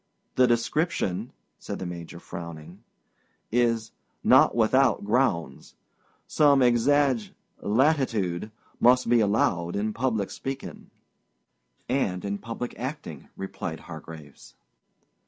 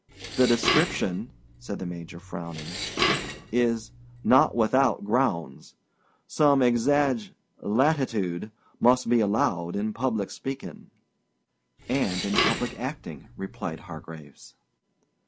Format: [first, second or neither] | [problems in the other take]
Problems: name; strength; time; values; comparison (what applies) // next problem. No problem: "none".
first | background sound (Dishes, pots, and pans); 5 dB below the speech